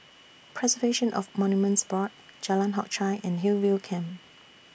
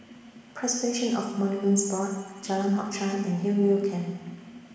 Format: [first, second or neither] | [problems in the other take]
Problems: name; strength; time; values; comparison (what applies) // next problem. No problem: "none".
first | background sound (Sink (filling or washing)); 19 dB below the speech // room echo; dies away in 1.2 s